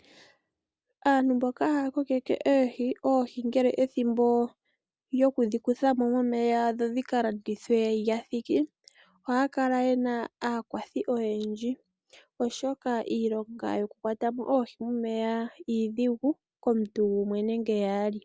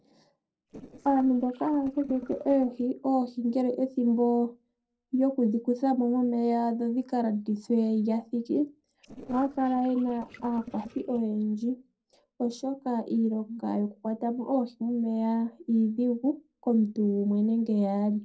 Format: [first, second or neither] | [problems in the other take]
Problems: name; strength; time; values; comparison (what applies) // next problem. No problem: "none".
first | noise reduction (neural separator model SepFormer DNS4)